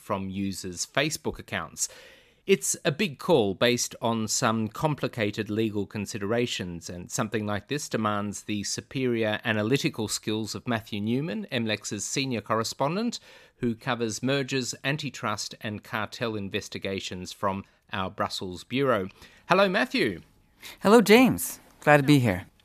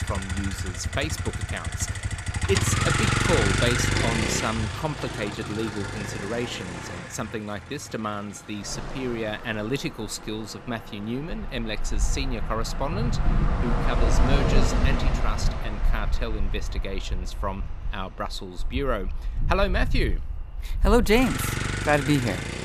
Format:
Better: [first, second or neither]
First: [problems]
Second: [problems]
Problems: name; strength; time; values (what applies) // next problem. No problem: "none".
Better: first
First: none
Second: traffic noise; very loud; throughout; 1 dB above the speech